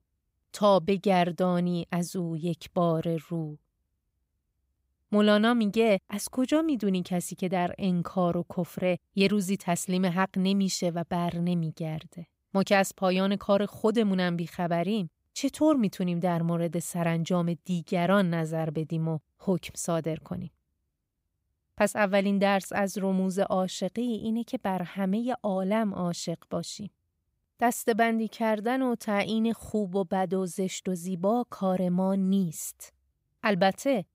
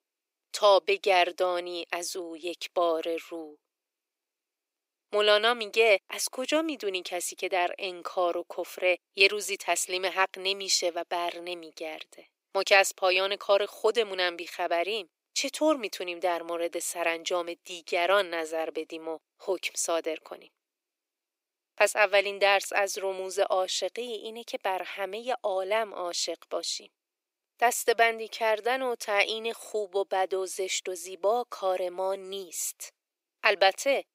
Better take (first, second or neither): first